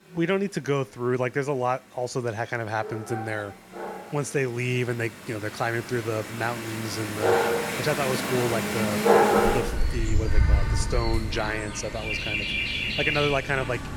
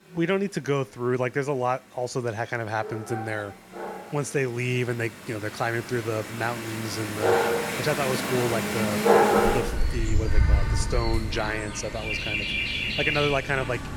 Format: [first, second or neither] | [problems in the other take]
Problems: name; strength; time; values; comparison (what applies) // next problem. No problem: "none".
neither | animal sounds; very loud; throughout; 3 dB above the speech; the same in both